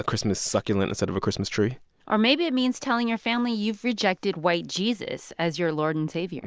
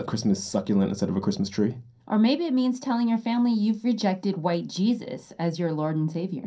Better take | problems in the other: first | room echo; dies away in 0.3 s

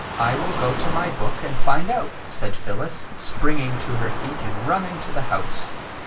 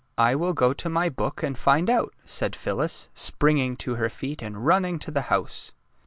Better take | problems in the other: second | background sound (Waves, surf); 12 dB below the speech // room echo; dies away in 0.2 s

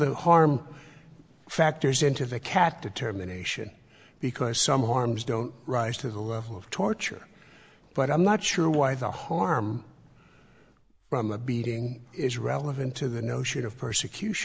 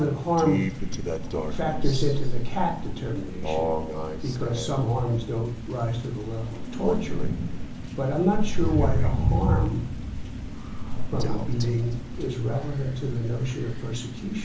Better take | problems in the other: first | background sound (Crow); 2 dB above the speech // room echo; dies away in 1.2 s

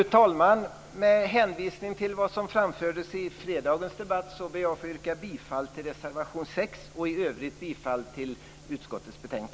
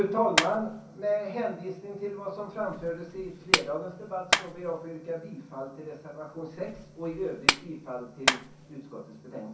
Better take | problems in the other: first | background sound (Clapping); as loud as the speech // room echo; dies away in 0.6 s

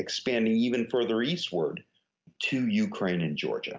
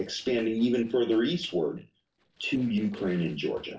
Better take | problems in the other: first | noise reduction (neural separator model SepFormer DNS4)

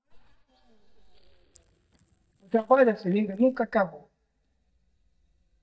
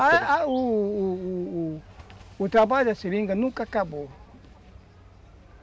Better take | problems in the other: second | noise reduction (neural mask model DeepFilterNet 3)

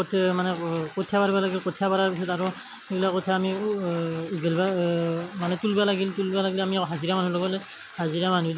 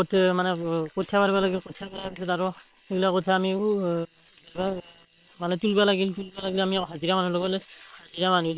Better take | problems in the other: first | noise reduction (neural separator model SepFormer WHAM!)

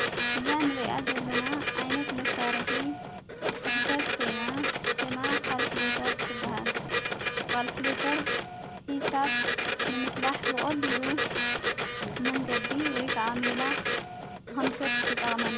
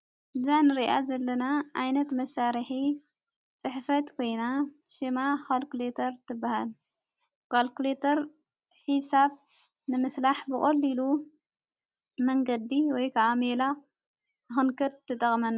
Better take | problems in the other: second | background sound (Printer); 3 dB above the speech

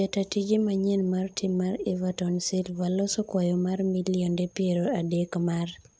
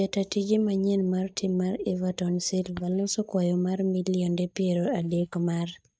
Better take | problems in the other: first | noise reduction (neural mask model DeepFilterNet 3)

